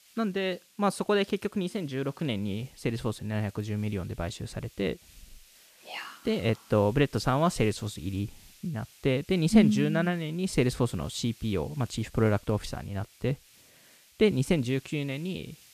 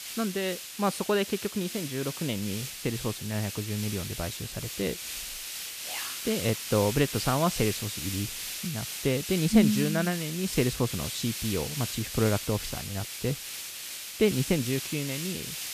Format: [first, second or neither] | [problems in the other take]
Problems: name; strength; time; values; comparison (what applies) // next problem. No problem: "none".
first | hiss; loud; throughout; 5 dB below the speech; faint in the first